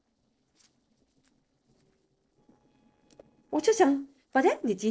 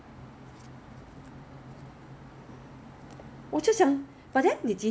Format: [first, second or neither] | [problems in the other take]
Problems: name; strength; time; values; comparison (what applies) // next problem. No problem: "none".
second | noise reduction (neural separator model SepFormer DNS4)